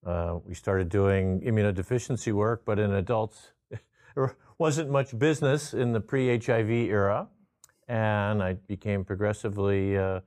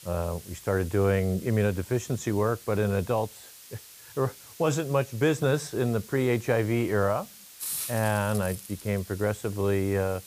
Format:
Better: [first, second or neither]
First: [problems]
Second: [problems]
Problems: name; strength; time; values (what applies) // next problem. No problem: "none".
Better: first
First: none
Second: hiss; noticeable; throughout; 15 dB below the speech